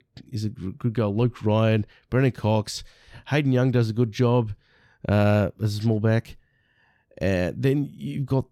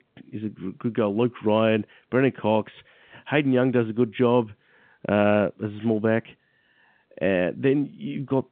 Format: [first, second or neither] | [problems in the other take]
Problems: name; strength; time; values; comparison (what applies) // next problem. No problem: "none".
first | phone-call audio